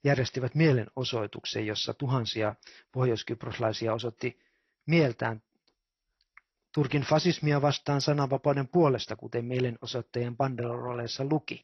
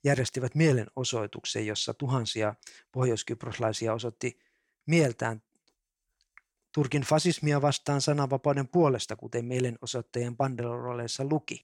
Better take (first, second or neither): second